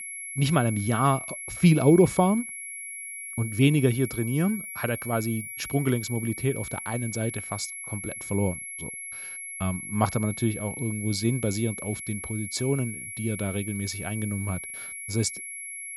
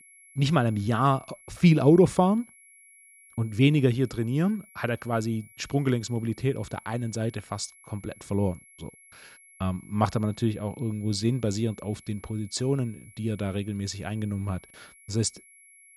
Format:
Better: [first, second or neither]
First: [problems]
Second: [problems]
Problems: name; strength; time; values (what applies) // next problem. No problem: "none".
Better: second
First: high-pitched whine; loud; throughout; 2 kHz, 8 dB below the speech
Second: high-pitched whine; faint; throughout; 2 kHz, 25 dB below the speech